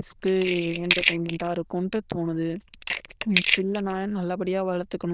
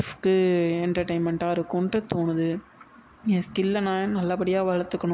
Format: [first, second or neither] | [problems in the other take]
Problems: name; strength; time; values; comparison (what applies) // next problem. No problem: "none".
second | noise reduction (neural diffusion model UNIVERSE++)